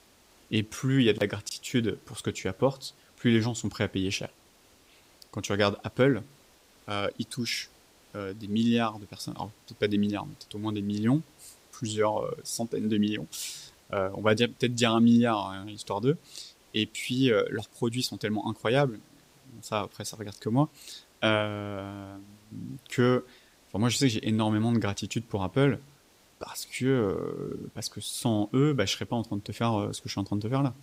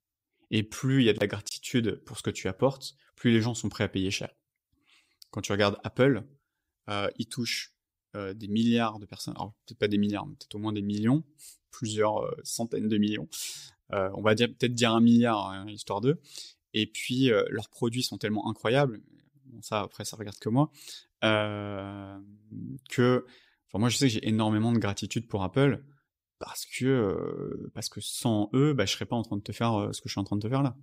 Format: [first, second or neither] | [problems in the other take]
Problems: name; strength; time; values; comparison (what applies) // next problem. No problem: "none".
second | hiss; faint; throughout; 30 dB below the speech